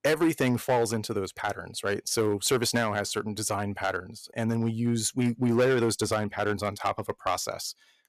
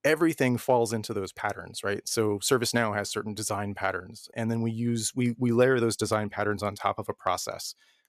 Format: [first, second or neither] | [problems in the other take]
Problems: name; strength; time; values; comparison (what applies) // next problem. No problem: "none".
second | distortion; slight; 4% of the sound clipped